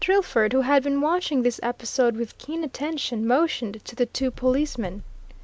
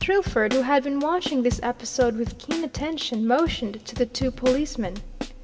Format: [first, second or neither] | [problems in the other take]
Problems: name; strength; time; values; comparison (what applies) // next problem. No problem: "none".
first | background sound (Drum kit); 11 dB below the speech // room echo; dies away in 1.9 s